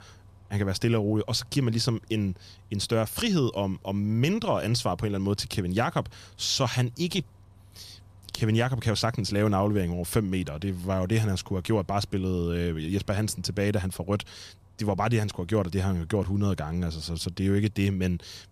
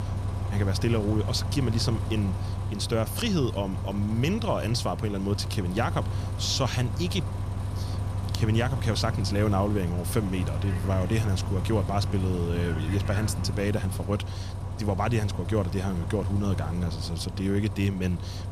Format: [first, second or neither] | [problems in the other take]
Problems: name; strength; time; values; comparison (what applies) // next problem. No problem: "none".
first | traffic noise; loud; throughout; 3 dB below the speech; faint in the first